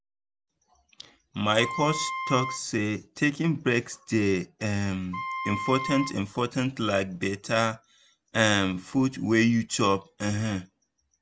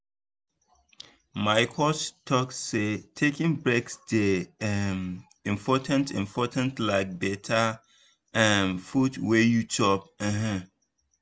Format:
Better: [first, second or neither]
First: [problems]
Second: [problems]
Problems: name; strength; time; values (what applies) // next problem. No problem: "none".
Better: second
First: background sound (Wind instrument, woodwind instrument); 6 dB below the speech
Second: none